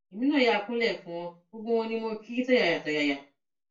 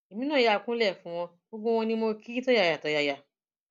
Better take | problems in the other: second | room echo; dies away in 0.2 s

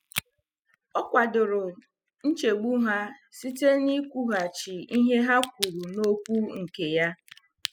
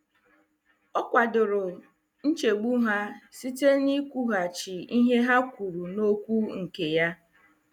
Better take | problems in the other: second | noise reduction (classical method spectral subtraction)

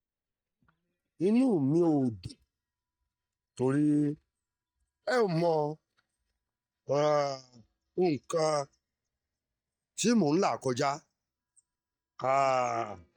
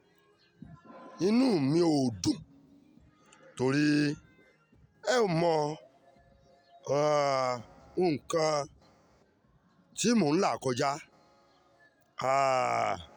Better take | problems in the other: second | noise reduction (neural mask model DeepFilterNet 3)

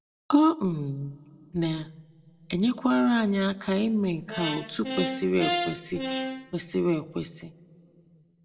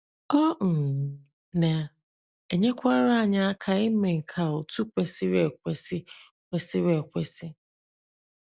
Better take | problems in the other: second | background sound (Brass instrument); 5 dB below the speech // room echo; dies away in 1.3 s

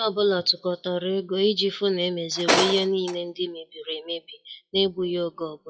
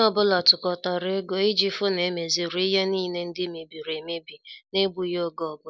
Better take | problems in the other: second | noise reduction (classical method WPE with log-MMSE)

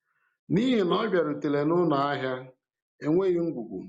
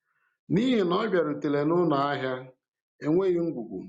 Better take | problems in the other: second | noise reduction (neural mask model Resemble Enhance denoiser)

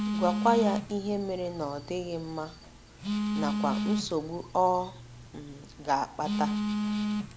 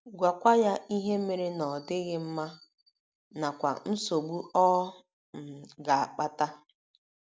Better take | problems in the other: second | background sound (Telephone); 2 dB below the speech

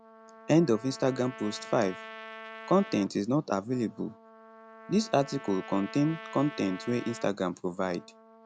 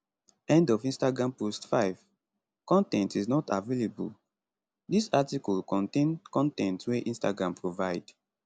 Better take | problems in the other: second | background sound (Trumpet); 16 dB below the speech

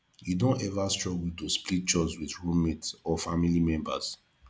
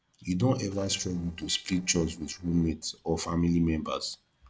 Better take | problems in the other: first | noise reduction (neural separator model SepFormer DNS4)

